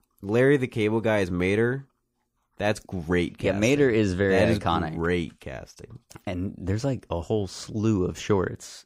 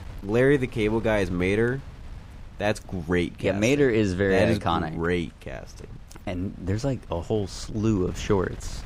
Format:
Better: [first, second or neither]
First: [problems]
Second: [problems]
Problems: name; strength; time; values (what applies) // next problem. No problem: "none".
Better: first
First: none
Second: wind noise on the microphone; occasional gusts; 25 dB below the speech